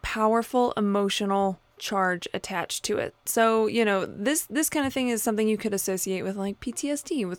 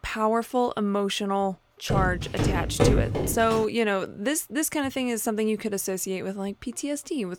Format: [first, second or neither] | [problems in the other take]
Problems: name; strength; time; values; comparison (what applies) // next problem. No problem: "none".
first | footsteps; loud; from 2 to 3.5 s; peak 5 dB above the speech